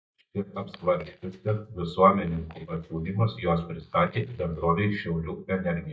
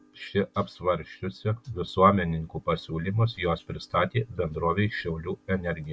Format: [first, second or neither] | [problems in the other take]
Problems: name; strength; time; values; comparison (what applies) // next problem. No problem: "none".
second | noise reduction (neural mask model DeepFilterNet 3)